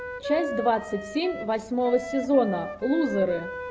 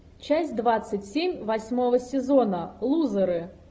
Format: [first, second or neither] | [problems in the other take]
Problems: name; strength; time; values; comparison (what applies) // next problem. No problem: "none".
second | background sound (Wind instrument, woodwind instrument); 9 dB below the speech